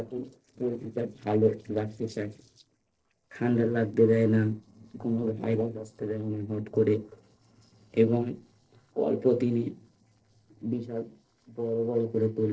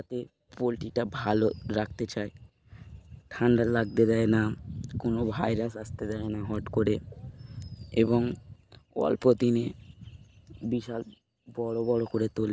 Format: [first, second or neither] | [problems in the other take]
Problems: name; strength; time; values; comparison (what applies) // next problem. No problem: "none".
second | noise reduction (neural separator model SepFormer DNS4)